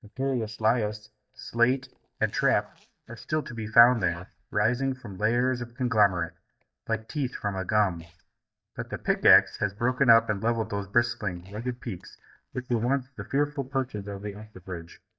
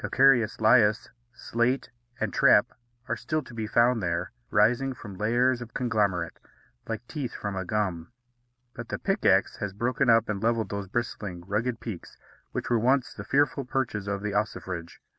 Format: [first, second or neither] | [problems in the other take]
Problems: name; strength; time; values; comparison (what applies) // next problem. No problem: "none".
second | noise reduction (neural mask model DeepFilterNet 3)